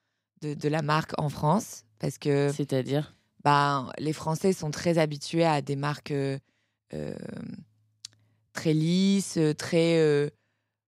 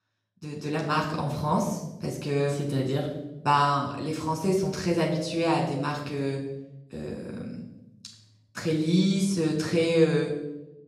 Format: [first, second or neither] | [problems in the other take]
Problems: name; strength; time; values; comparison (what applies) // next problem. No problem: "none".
first | room echo; noticeable; dies away in 0.8 s // off-mic speech; far